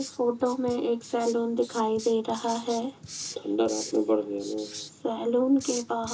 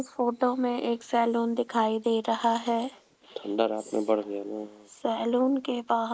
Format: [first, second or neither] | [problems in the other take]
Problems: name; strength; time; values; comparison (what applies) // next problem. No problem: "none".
second | background sound (Writing); 15 dB below the speech // room echo; dies away in 0.2 s